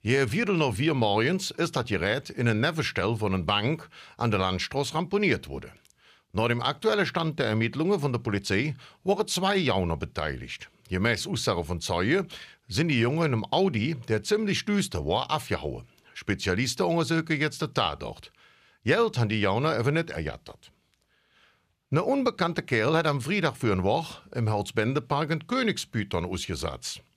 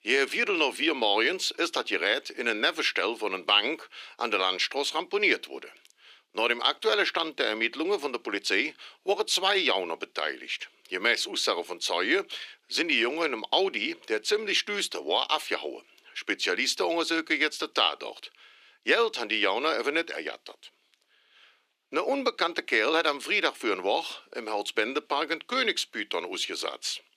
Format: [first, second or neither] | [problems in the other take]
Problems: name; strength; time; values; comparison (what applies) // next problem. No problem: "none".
first | thin; somewhat; fading below 300 Hz